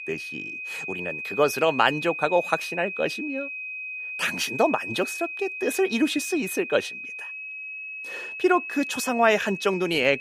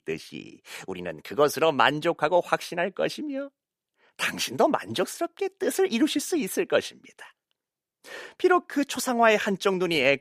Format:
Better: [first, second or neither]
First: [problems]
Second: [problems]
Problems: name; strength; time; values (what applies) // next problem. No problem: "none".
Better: second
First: high-pitched whine; loud; throughout; 2.5 kHz, 7 dB below the speech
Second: none